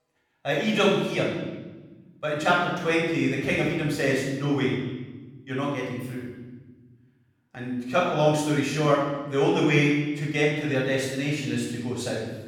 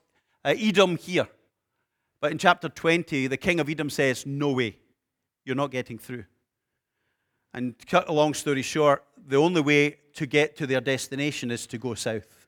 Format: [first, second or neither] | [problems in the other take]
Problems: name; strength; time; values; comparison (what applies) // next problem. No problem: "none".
second | off-mic speech; far // room echo; noticeable; dies away in 1.1 s